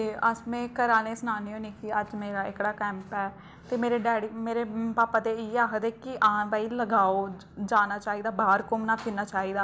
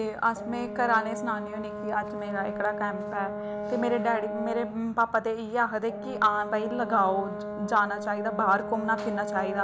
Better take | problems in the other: first | background sound (Brass instrument); 7 dB below the speech

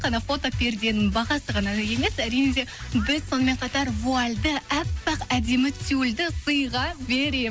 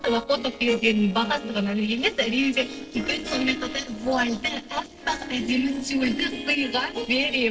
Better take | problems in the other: first | noise reduction (neural separator model SepFormer DNS4)

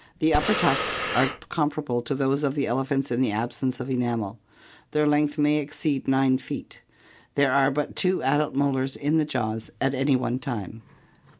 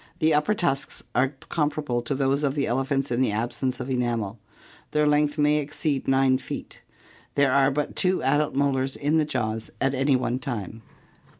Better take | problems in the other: second | background sound (Breathing); 3 dB below the speech

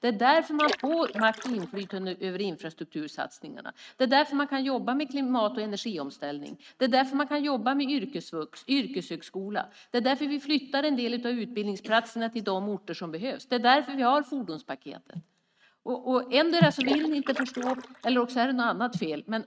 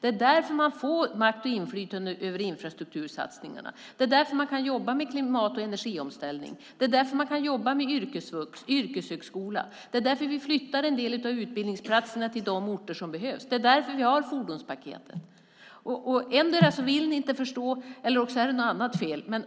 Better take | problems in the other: second | noise reduction (neural mask model RNNoise)

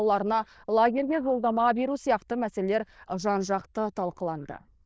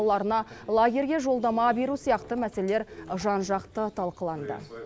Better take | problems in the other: second | noise reduction (neural diffusion model UNIVERSE++)

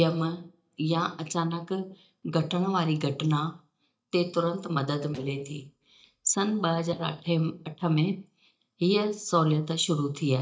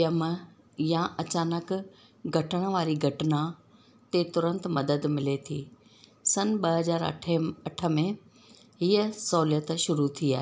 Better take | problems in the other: second | noise reduction (neural mask model DeepFilterNet 3)

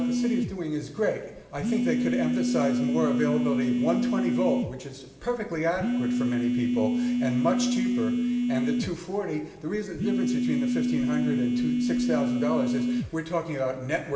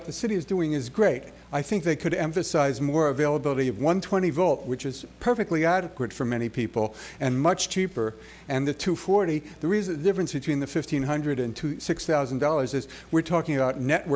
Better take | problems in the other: second | background sound (Telephone); 3 dB above the speech // room echo; dies away in 1.2 s

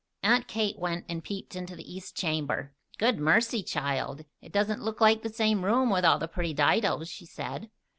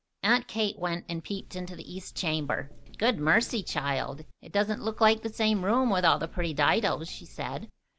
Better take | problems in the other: first | background sound (Walk, footsteps); 16 dB below the speech

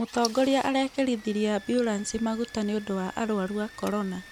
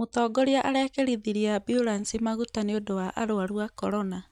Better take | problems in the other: second | background sound (Engine starting / Car); 17 dB below the speech

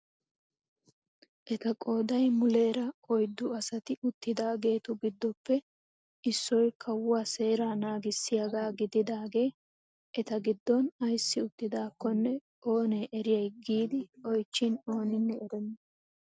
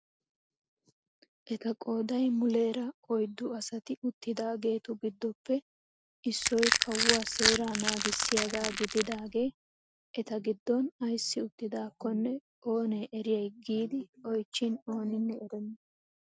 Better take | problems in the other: first | background sound (Crushing); 2 dB above the speech

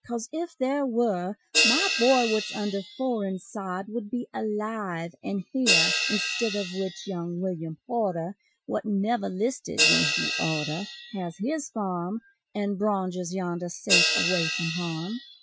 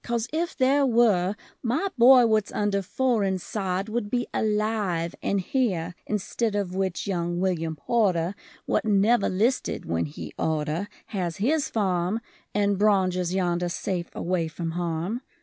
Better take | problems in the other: second | noise reduction (classical method Wiener filter)

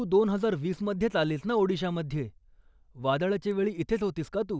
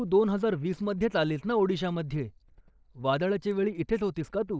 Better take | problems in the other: first | noise reduction (neural separator model SepFormer DNS4)

